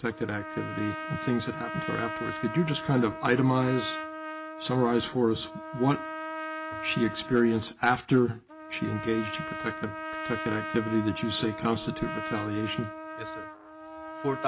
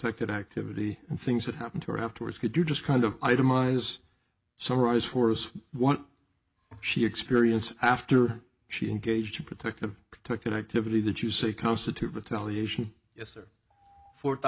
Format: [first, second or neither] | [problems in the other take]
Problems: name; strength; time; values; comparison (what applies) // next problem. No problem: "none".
second | background sound (Trumpet); 8 dB below the speech